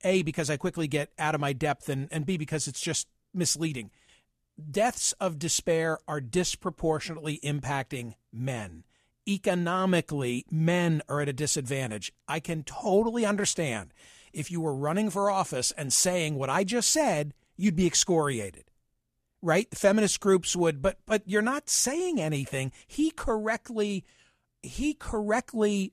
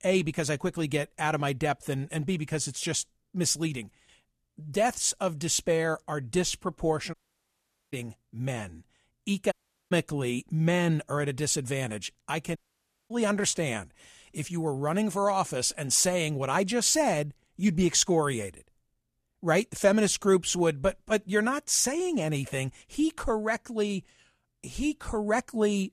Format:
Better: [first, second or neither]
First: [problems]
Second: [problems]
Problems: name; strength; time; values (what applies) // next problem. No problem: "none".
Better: first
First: none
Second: audio cutting out; at 7 s for 1 s, at 9.5 s and at 13 s for 0.5 s